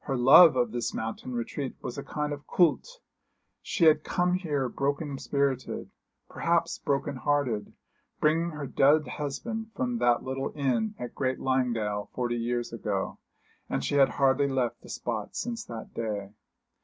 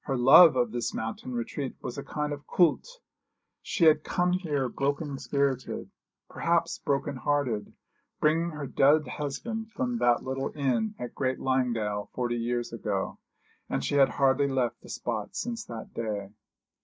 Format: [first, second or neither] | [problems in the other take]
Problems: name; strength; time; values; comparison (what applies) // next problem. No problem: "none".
first | noise reduction (neural mask model Resemble Enhance denoiser)